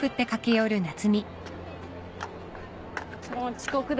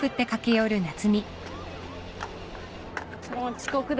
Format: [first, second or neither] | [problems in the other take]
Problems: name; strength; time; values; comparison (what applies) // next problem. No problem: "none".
first | background sound (Engine / Vehicle + Motor vehicle (road) / Siren); 18 dB below the speech